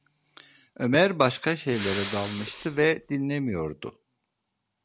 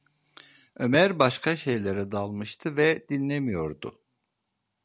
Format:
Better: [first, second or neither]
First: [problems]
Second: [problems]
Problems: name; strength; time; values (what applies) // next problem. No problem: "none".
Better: second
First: background sound (Respiratory sounds); 10 dB below the speech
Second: none